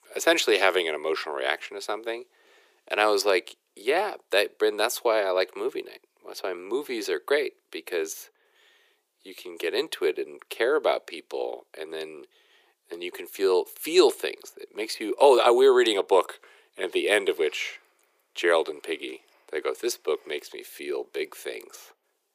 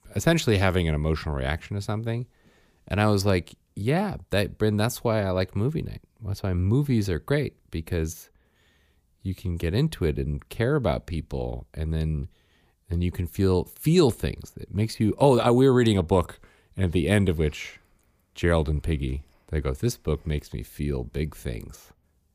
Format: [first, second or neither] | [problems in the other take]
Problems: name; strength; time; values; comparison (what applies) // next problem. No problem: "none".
second | thin; very; fading below 350 Hz